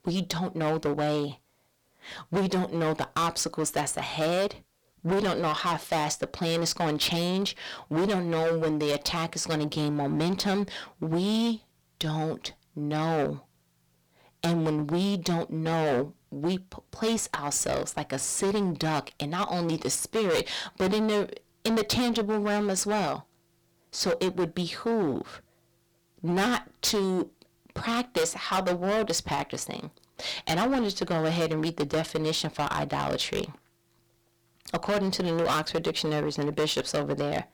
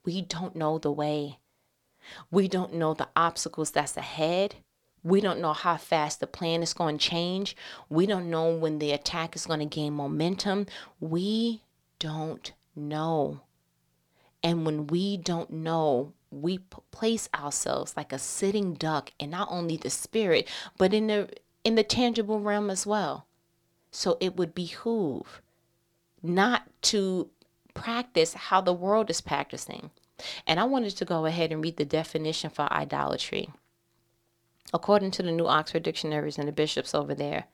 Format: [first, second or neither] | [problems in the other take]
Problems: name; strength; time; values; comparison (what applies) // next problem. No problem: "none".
second | distortion; heavy; 14% of the sound clipped